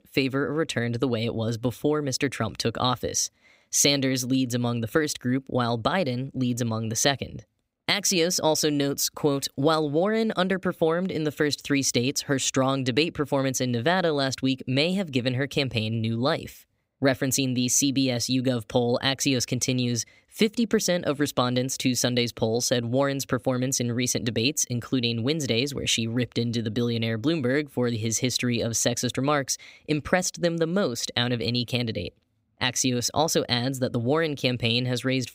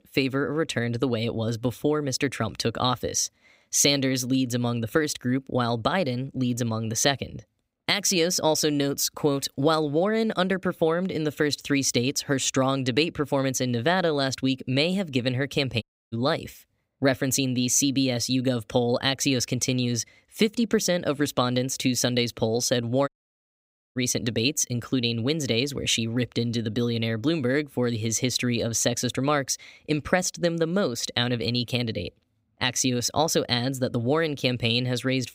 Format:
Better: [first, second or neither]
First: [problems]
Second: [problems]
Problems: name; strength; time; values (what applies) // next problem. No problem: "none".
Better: first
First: none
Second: audio cutting out; at 16 s and at 23 s for 1 s